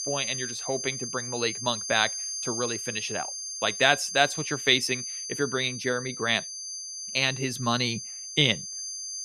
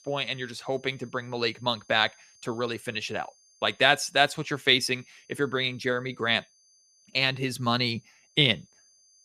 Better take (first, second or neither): second